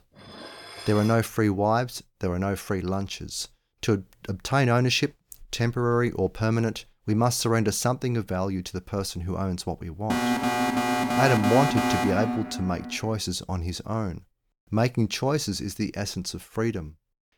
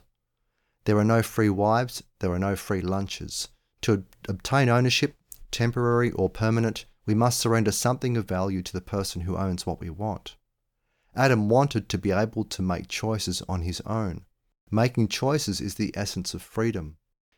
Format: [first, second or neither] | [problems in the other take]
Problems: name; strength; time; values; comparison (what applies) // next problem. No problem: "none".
second | clattering dishes; faint; until 1 s; peak 10 dB below the speech // alarm; loud; from 10 to 13 s; peak 3 dB above the speech